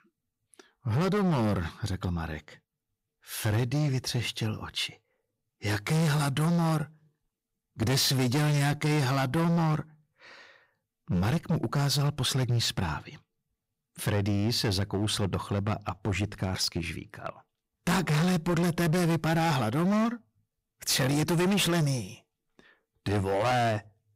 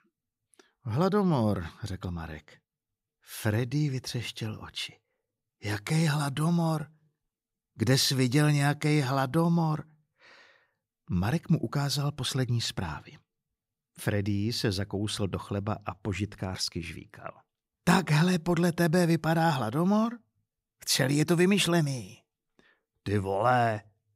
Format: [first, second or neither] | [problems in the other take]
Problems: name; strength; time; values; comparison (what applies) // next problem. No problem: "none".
second | distortion; heavy; 17% of the sound clipped